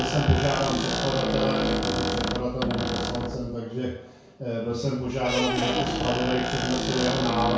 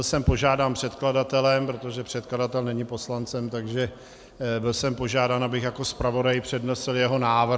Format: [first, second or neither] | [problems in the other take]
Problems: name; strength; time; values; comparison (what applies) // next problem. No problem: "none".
second | background sound (Squeak); 1 dB below the speech // room echo; dies away in 0.6 s